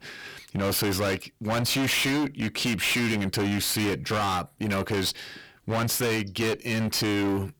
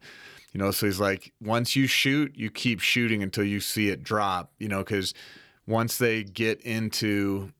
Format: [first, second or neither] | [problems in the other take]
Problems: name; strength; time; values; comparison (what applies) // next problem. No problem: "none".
second | distortion; heavy; 32% of the sound clipped